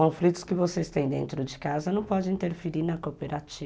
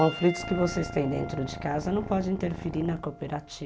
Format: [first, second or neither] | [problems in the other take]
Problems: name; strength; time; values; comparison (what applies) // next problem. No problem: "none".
first | background sound (Piano + Purr); 10 dB below the speech